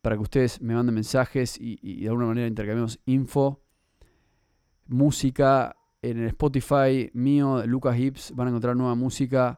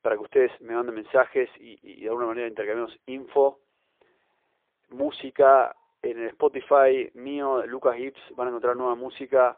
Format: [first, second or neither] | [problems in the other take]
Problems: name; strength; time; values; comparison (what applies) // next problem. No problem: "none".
first | phone-call audio; poor line